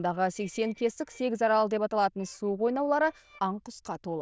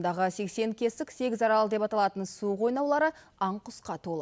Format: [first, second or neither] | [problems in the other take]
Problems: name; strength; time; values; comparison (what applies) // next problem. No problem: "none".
second | noise reduction (neural diffusion model UNIVERSE++)